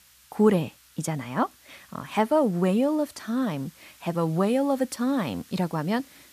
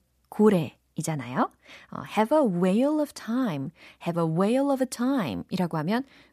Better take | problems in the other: second | hiss; faint; throughout; 25 dB below the speech

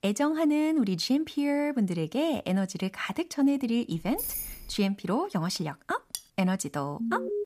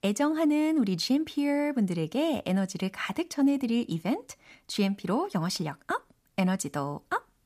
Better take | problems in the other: second | jangling keys; noticeable; at 4 s; peak 3 dB below the speech // clattering dishes; noticeable; at 6 s; peak 10 dB below the speech // alarm; noticeable; at 7 s; peak 3 dB below the speech

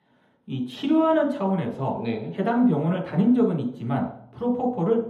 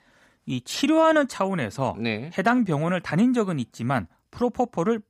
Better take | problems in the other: second | room echo; noticeable; dies away in 0.7 s // off-mic speech; far

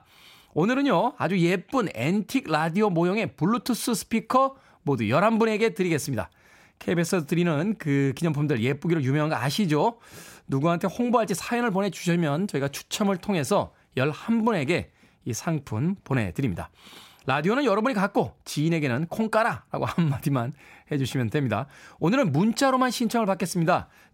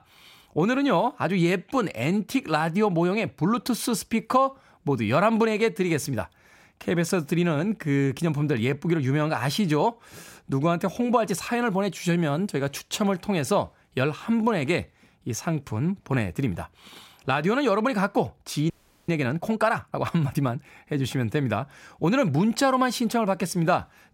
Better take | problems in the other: first | audio freezing; at 19 s

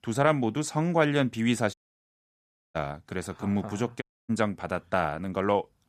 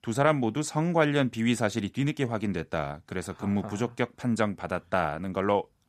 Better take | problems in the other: second | audio cutting out; at 1.5 s for 1 s and at 4 s

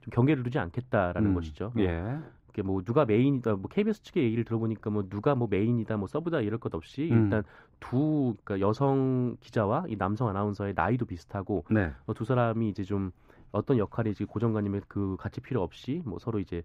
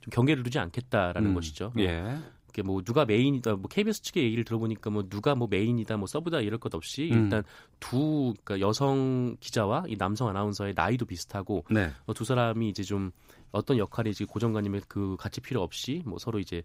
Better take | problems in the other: second | muffled; very; fading above 3 kHz

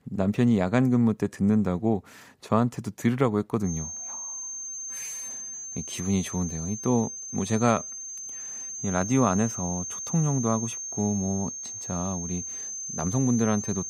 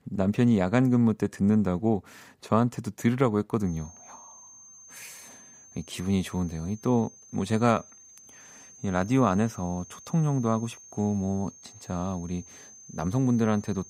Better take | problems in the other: second | high-pitched whine; loud; from 3.5 s on; 6.5 kHz, 6 dB below the speech; faint in the second

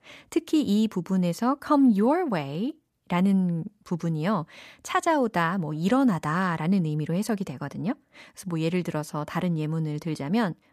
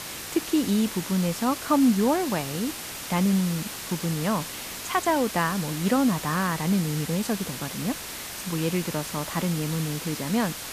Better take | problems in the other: first | hiss; loud; throughout; 7 dB below the speech

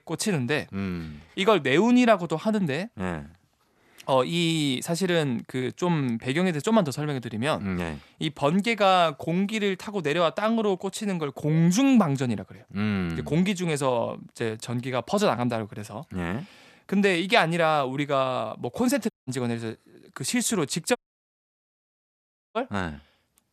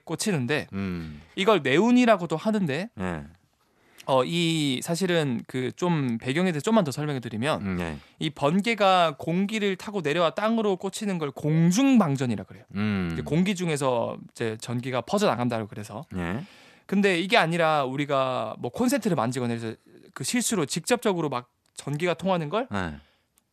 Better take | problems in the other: second | audio cutting out; at 19 s and at 21 s for 1.5 s

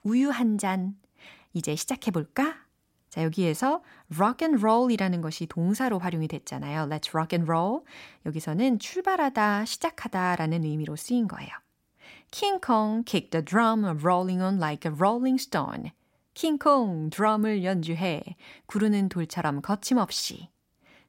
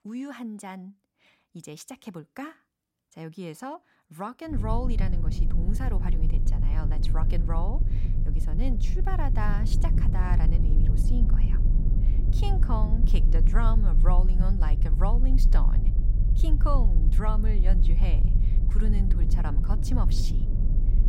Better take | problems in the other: first | low rumble; loud; from 4.5 s on; 6 dB below the speech

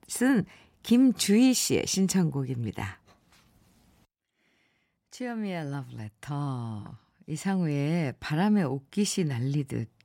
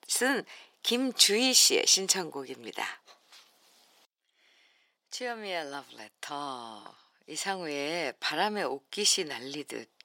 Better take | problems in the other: first | thin; very; fading below 450 Hz

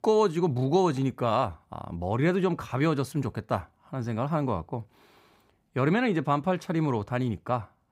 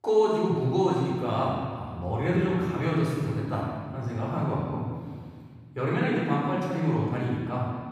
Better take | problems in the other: first | off-mic speech; far // room echo; strong; dies away in 1.8 s

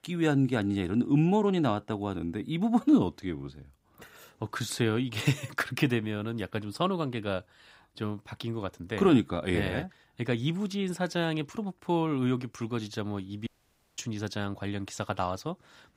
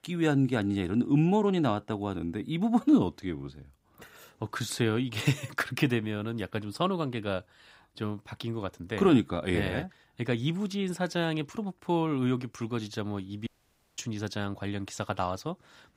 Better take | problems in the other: neither | audio cutting out; at 13 s for 0.5 s; the same in both

